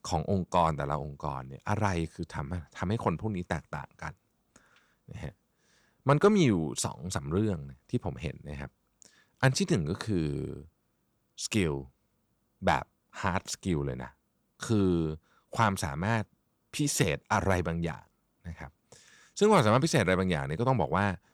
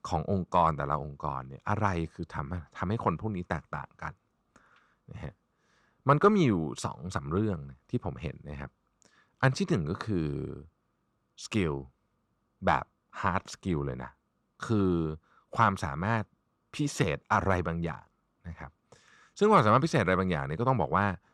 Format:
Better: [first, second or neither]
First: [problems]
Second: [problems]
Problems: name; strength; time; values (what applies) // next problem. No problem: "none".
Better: first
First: none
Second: muffled; slightly; fading above 1.5 kHz